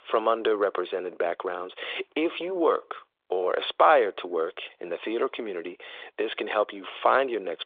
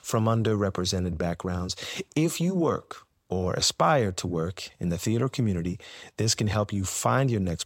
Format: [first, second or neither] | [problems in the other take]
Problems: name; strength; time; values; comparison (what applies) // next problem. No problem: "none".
second | phone-call audio